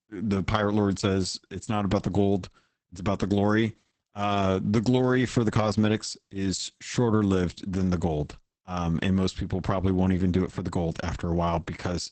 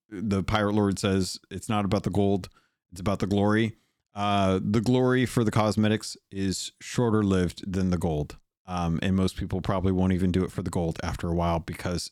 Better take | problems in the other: second | garbled, watery; badly; nothing above 8 kHz

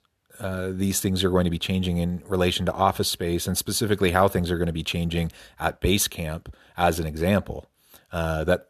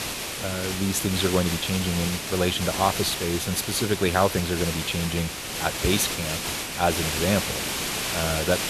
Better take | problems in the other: first | hiss; loud; throughout; 2 dB below the speech

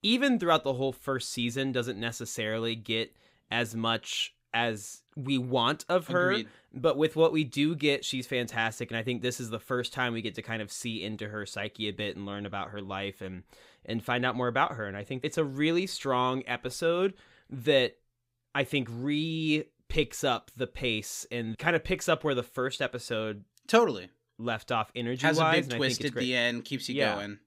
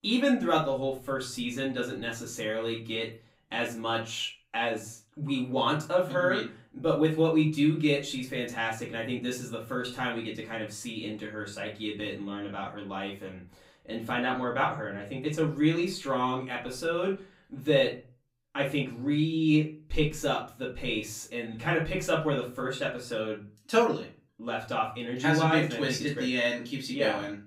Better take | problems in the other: first | room echo; slight; dies away in 0.3 s // off-mic speech; far

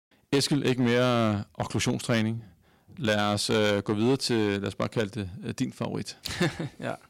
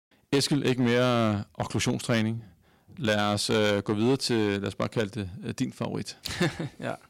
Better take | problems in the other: neither | distortion; slight; 4% of the sound clipped; the same in both

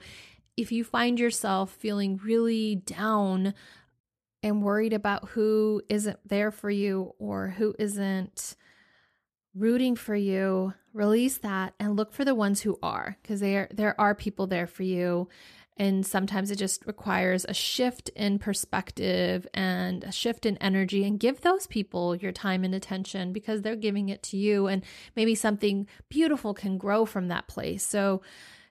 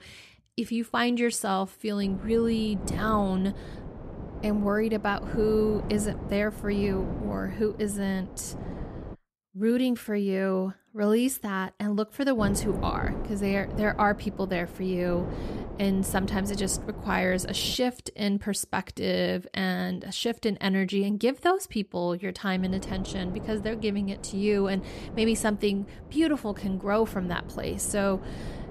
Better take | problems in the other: first | wind noise on the microphone; occasional gusts; from 2 to 9 s, from 12 to 18 s and from 23 s on; 15 dB below the speech

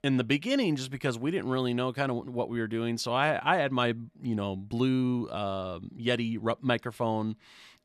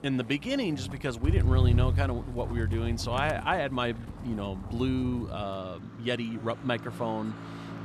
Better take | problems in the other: first | traffic noise; loud; throughout; as loud as the speech

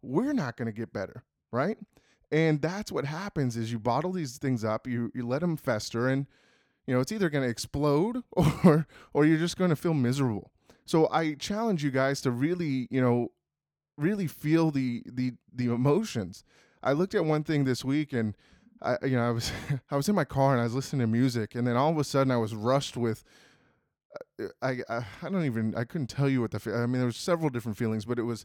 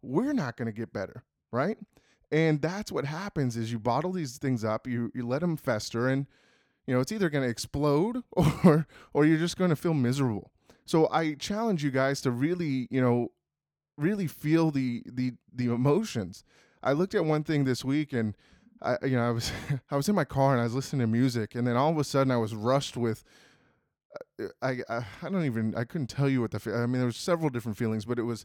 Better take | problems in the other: neither | none

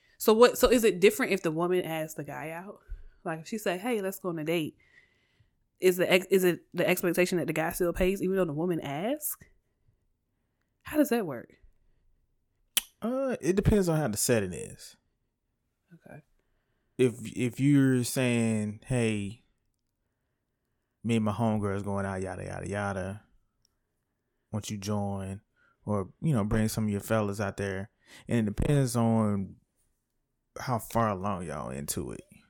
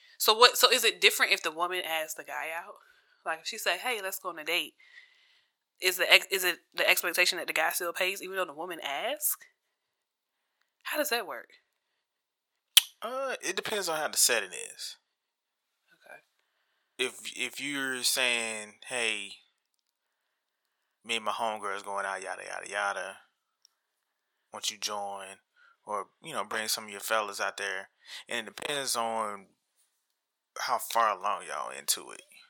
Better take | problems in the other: first | thin; very; fading below 950 Hz

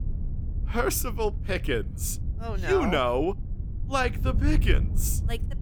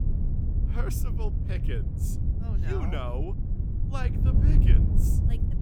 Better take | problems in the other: first | wind noise on the microphone; heavy; 1 dB below the speech; occasional gusts in the first

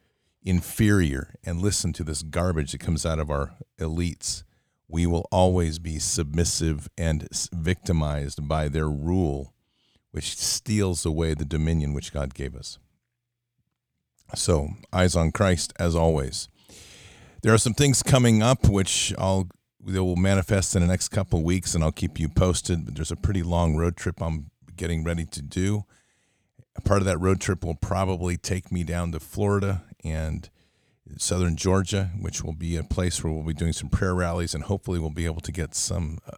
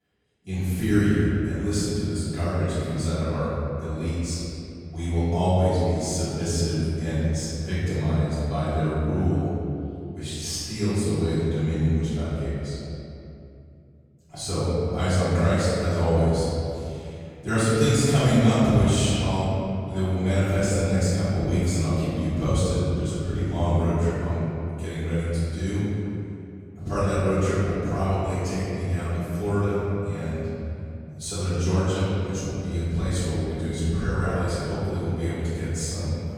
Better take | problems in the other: first | off-mic speech; far // room echo; strong; dies away in 2.7 s

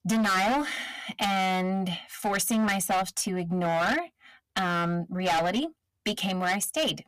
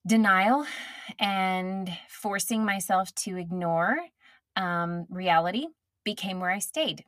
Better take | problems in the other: second | distortion; heavy; 16% of the sound clipped

